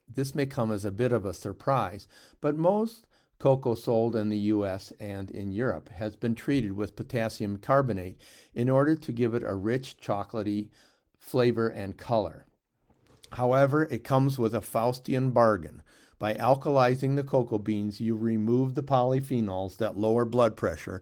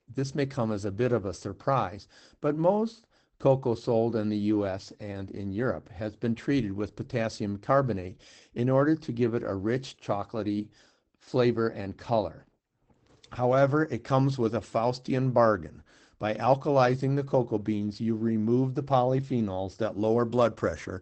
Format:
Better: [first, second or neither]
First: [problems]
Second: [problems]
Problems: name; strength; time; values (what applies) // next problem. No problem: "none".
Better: first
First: garbled, watery; slightly; nothing above 18.5 kHz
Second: garbled, watery; badly; nothing above 8 kHz